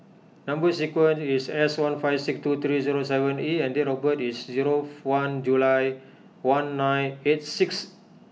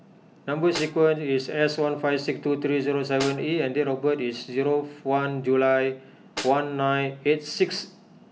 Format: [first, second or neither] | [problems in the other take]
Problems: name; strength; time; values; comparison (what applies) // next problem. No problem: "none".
first | background sound (Snare drum); 17 dB below the speech